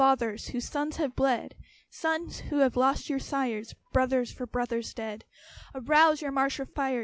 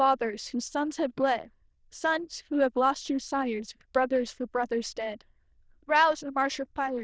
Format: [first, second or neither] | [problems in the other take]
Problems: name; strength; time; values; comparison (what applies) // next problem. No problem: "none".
first | noise reduction (neural diffusion model UNIVERSE++)